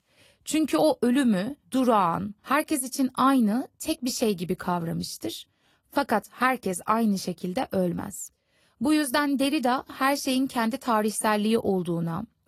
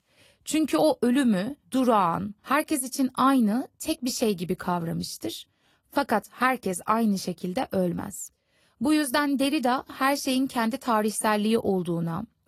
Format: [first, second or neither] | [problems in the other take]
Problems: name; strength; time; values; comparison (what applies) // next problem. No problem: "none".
neither | garbled, watery; slightly; nothing above 13 kHz; the same in both